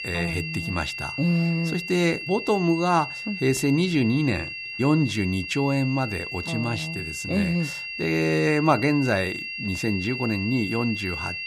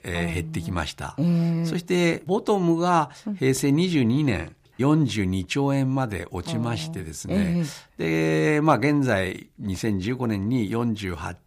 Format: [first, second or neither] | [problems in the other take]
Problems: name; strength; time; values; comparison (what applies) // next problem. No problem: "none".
second | high-pitched whine; loud; throughout; 2.5 kHz, 6 dB below the speech